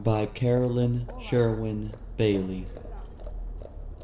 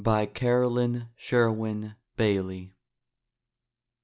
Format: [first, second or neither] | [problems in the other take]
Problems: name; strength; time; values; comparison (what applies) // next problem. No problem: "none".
second | background sound (Livestock, farm animals, working animals); 11 dB below the speech // room echo; dies away in 1.5 s